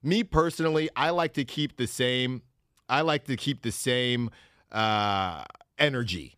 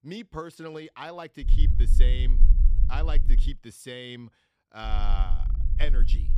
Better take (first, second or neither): first